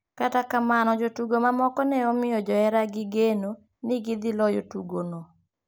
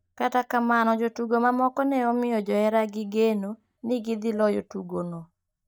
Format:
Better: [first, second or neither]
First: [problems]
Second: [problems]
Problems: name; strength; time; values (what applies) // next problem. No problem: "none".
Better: first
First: none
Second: noise reduction (neural mask model DeepFilterNet 3)